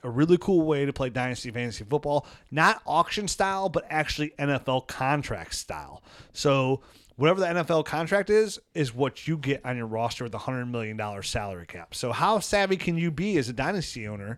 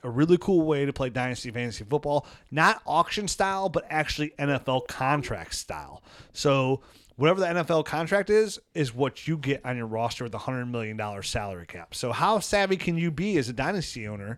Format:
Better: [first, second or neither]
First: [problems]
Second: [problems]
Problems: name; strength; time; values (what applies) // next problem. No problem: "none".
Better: first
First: none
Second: phone ringing; noticeable; at 4.5 s; peak 10 dB below the speech